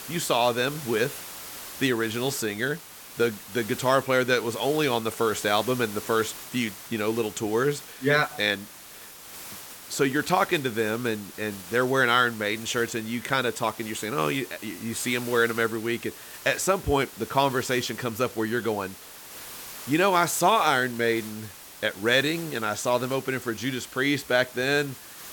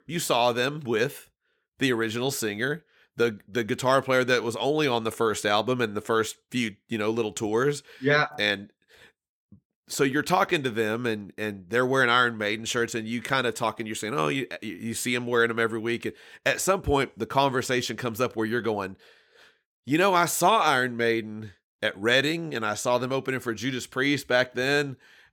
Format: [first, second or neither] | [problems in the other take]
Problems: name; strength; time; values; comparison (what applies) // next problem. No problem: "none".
second | hiss; noticeable; throughout; 15 dB below the speech